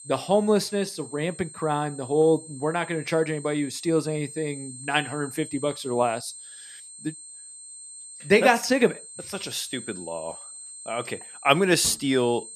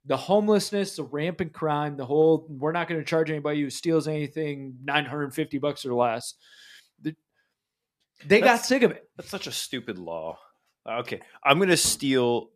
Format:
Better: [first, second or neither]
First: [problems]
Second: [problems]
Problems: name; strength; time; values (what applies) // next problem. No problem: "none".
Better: second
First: high-pitched whine; noticeable; throughout; 8.5 kHz, 15 dB below the speech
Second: none